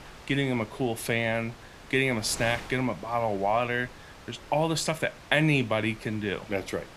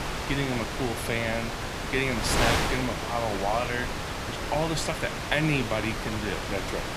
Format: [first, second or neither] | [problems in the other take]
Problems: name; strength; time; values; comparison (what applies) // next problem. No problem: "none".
first | wind noise on the microphone; heavy; 1 dB below the speech; occasional gusts in the first